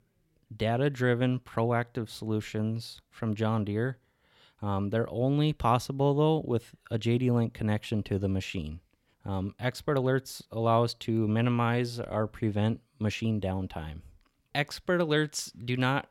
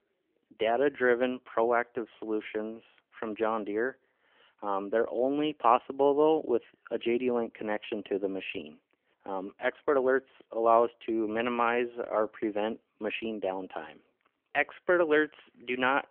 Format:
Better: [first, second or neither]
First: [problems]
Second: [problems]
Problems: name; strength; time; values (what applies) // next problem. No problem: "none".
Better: first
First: none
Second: phone-call audio; nothing above 3 kHz